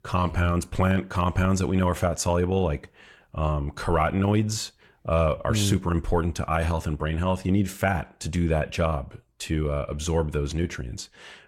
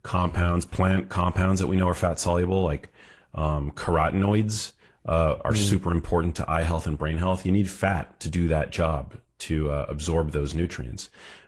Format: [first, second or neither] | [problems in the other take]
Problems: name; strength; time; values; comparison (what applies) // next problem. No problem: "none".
first | garbled, watery; slightly; nothing above 15.5 kHz